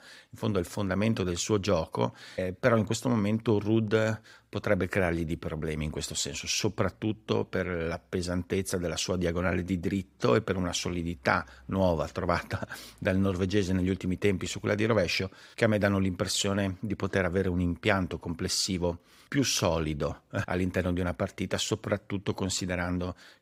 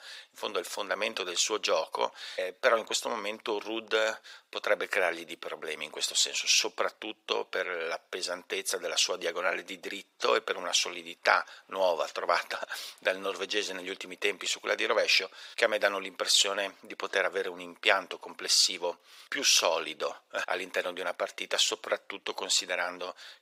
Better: first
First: none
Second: thin; very; fading below 550 Hz

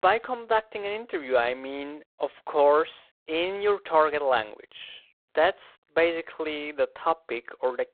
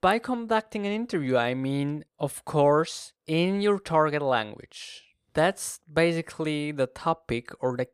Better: second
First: phone-call audio; poor line; nothing above 3.5 kHz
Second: none

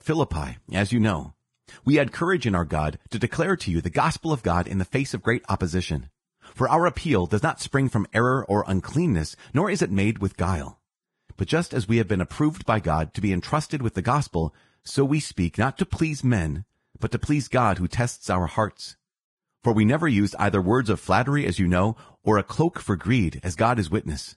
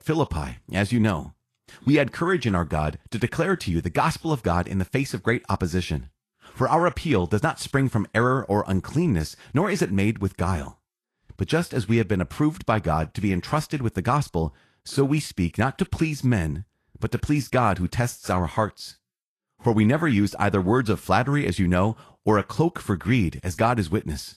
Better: second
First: garbled, watery; badly; nothing above 10.5 kHz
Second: garbled, watery; slightly; nothing above 13 kHz

